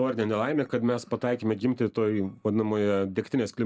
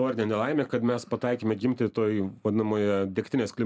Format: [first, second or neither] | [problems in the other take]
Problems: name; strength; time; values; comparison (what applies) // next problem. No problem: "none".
second | noise reduction (neural mask model DeepFilterNet 3)